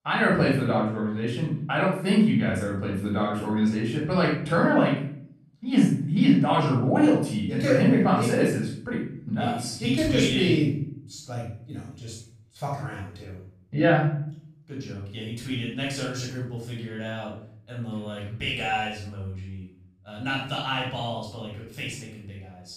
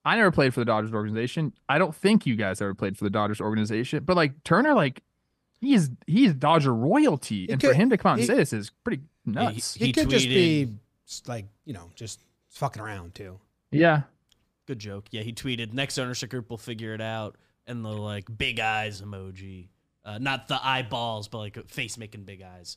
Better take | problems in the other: second | off-mic speech; far // room echo; noticeable; dies away in 0.6 s

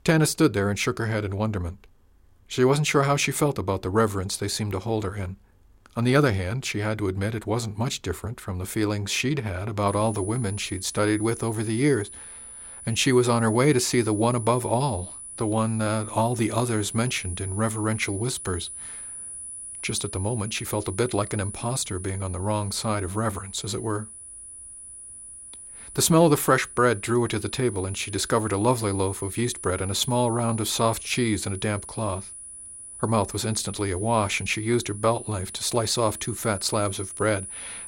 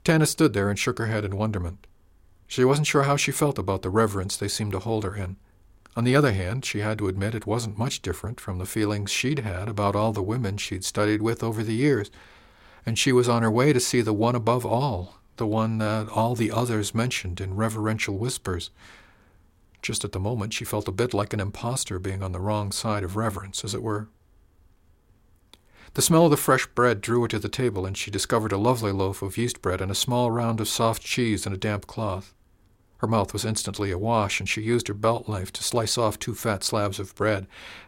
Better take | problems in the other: second | high-pitched whine; noticeable; from 10 s on; 10 kHz, 10 dB below the speech

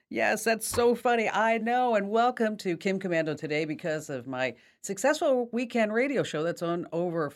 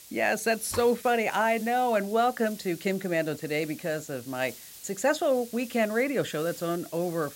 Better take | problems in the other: first | hiss; noticeable; throughout; 15 dB below the speech

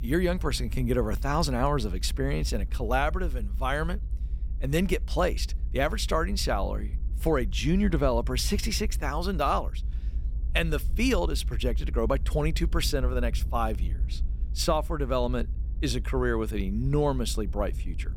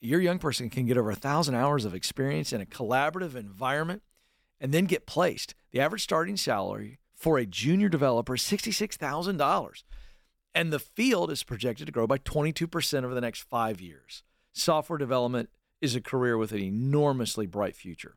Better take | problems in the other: second | low rumble; faint; throughout; 25 dB below the speech

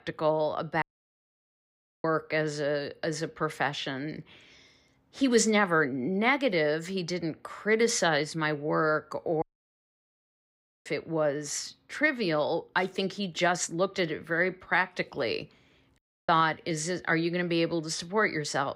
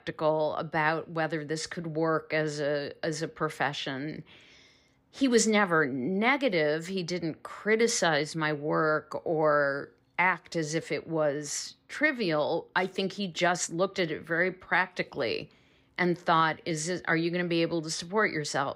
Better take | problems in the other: second | audio cutting out; at 1 s for 1 s, at 9.5 s for 1.5 s and at 16 s

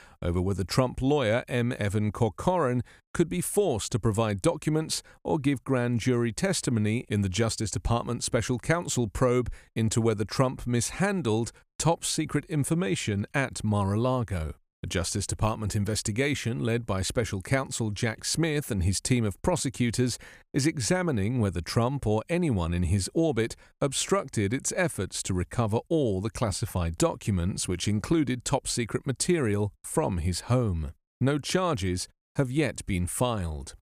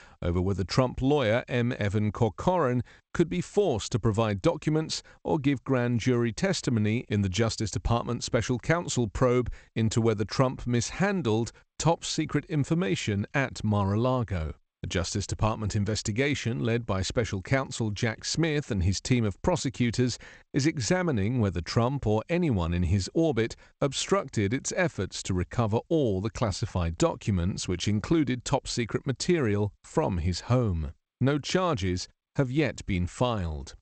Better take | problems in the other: first | garbled, watery; slightly; nothing above 8 kHz

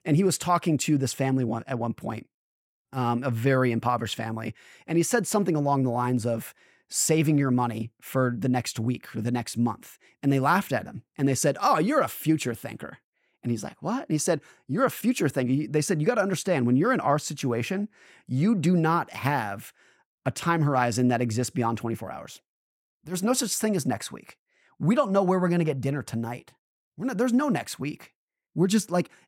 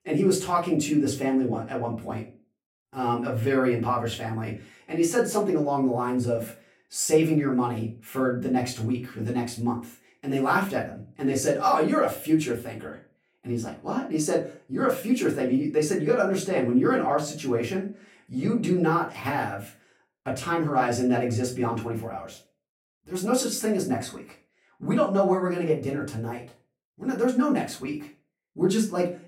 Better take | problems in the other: first | off-mic speech; far // room echo; slight; dies away in 0.3 s

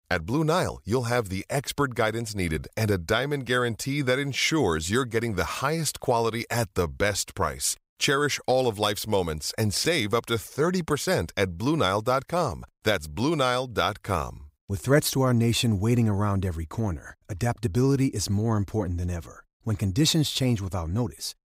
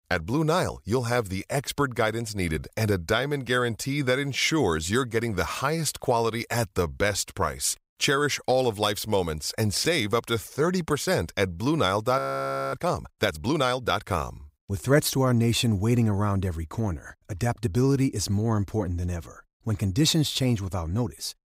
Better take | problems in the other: first | audio freezing; at 12 s for 0.5 s

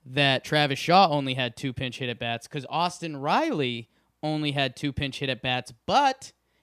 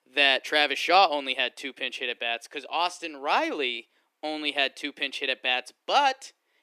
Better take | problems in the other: first | thin; somewhat; fading below 300 Hz

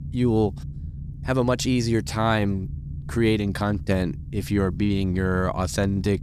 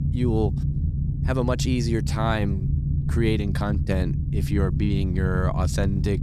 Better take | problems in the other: first | low rumble; loud; throughout; 9 dB below the speech; faint in the first

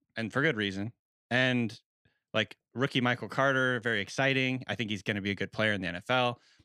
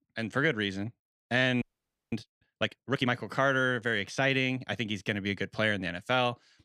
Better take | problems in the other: first | audio freezing; at 1.5 s for 0.5 s

